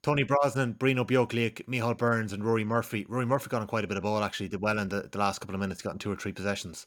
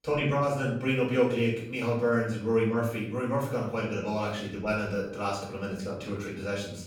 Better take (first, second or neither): first